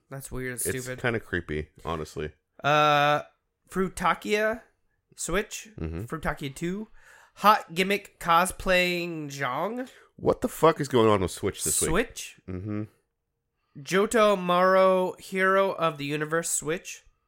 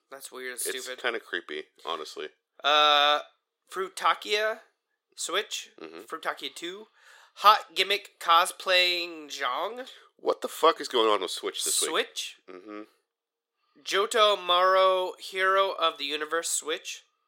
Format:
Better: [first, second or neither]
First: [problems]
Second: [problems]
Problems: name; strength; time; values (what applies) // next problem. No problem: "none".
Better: first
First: none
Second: thin; very; fading below 350 Hz